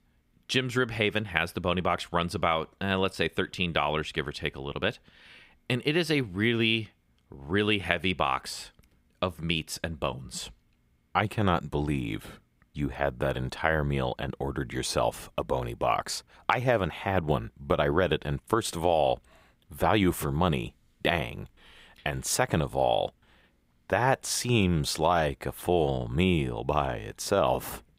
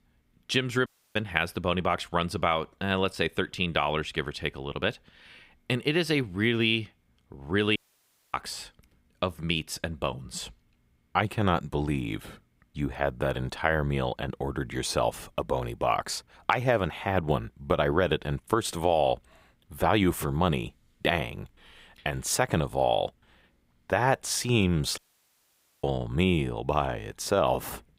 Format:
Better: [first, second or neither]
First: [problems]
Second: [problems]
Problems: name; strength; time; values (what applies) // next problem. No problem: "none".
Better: first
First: none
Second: audio cutting out; at 1 s, at 8 s for 0.5 s and at 25 s for 1 s